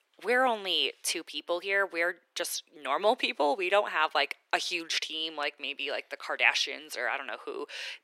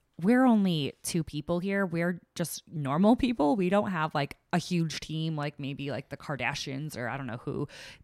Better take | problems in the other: second | thin; very; fading below 400 Hz

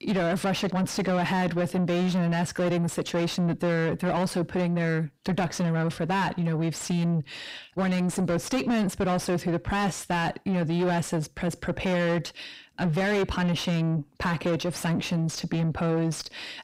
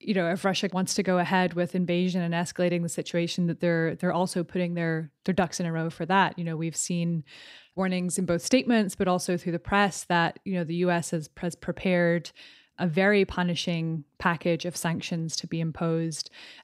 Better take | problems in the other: second | distortion; heavy; 6 dB below the speech

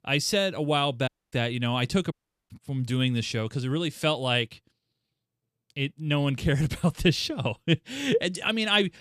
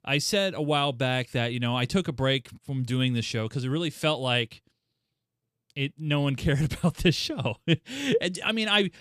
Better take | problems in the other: second | audio cutting out; at 1 s and at 2 s

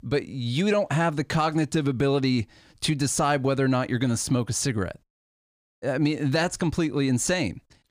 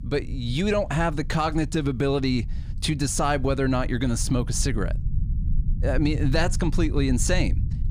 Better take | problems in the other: first | low rumble; noticeable; throughout; 20 dB below the speech

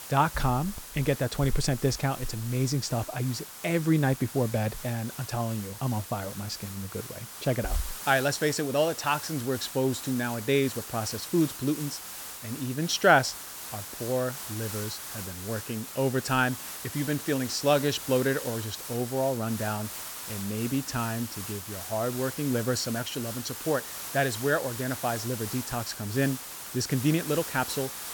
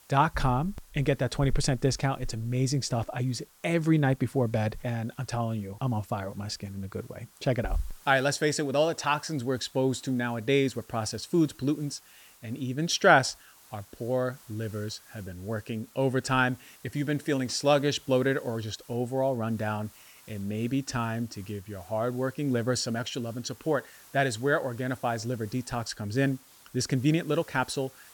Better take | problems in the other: second | hiss; loud; throughout; 8 dB below the speech; faint in the second

